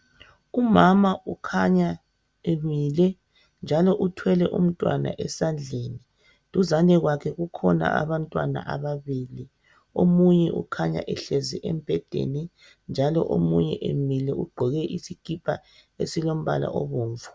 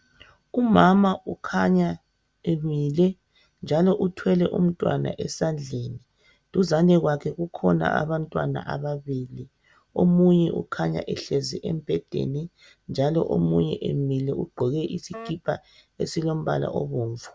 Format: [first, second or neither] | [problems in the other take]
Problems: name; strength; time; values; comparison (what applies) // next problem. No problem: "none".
first | background sound (Wind instrument, woodwind instrument); 19 dB below the speech